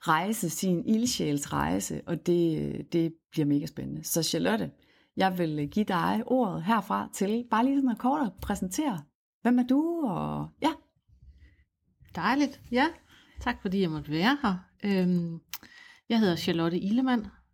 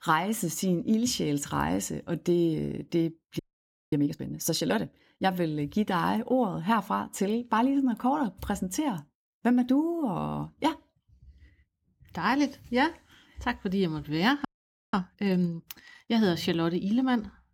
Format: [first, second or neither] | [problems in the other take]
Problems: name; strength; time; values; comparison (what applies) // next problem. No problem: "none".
first | audio freezing; at 3.5 s for 0.5 s and at 14 s